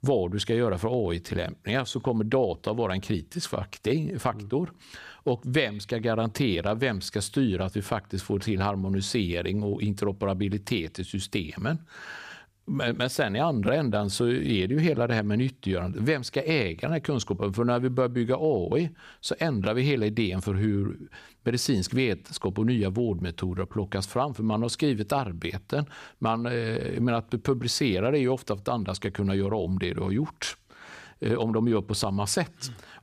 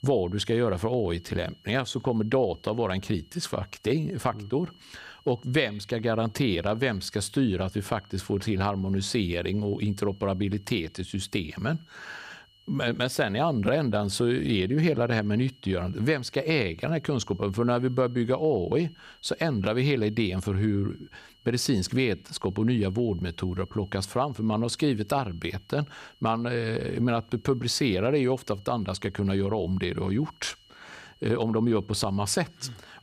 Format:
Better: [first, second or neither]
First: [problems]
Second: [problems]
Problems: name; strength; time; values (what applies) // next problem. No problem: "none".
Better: first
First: none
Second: high-pitched whine; faint; throughout; 3 kHz, 30 dB below the speech